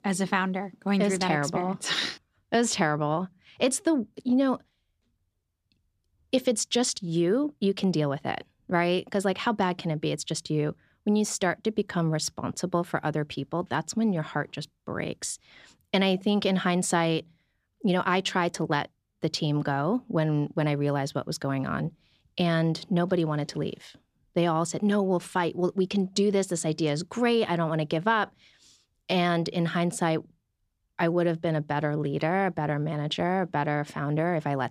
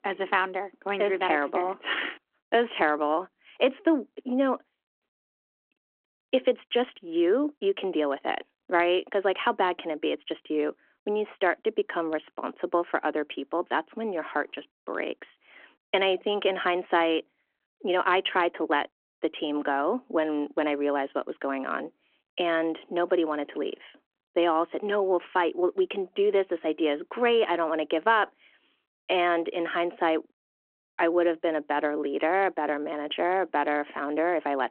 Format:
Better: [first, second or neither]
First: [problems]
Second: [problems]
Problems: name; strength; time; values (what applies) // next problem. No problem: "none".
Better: first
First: none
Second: phone-call audio